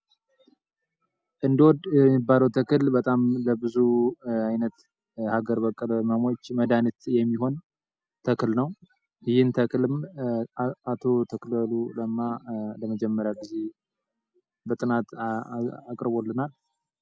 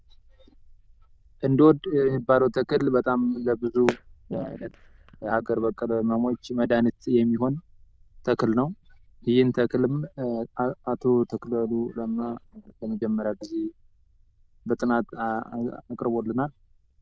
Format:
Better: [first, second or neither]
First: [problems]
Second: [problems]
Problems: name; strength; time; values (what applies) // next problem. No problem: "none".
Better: first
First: none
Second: noise reduction (neural diffusion model UNIVERSE++)